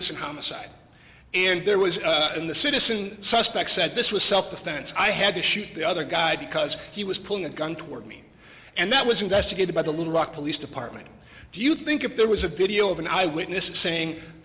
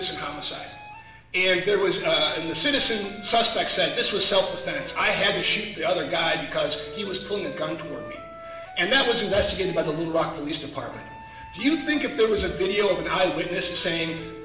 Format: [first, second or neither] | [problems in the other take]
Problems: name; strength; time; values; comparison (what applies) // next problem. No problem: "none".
first | background sound (Wind instrument, woodwind instrument); 15 dB below the speech // room echo; dies away in 0.8 s